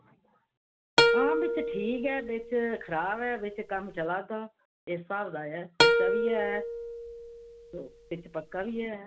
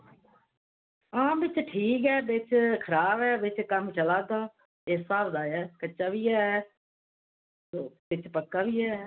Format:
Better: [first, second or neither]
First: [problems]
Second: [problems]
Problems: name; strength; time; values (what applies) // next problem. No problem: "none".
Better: second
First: background sound (Plucked string instrument); 5 dB above the speech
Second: none